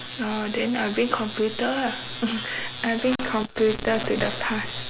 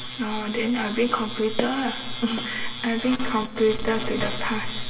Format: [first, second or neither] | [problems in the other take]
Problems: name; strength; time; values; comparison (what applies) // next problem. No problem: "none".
first | background sound (Walk, footsteps); 14 dB below the speech // room echo; dies away in 2 s